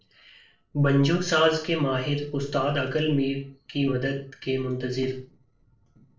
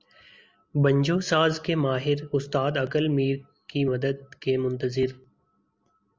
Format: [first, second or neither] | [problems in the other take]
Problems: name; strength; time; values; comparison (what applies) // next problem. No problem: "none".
second | noise reduction (neural separator model SepFormer DNS4)